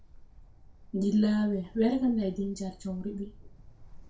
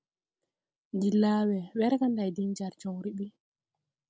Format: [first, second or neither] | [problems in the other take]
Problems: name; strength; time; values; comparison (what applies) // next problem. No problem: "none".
second | background sound (Bird); 18 dB below the speech // room echo; dies away in 0.3 s